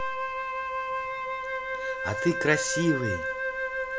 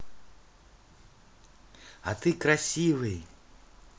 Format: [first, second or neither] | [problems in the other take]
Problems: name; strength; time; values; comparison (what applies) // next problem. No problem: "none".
second | background sound (Wind instrument, woodwind instrument); as loud as the speech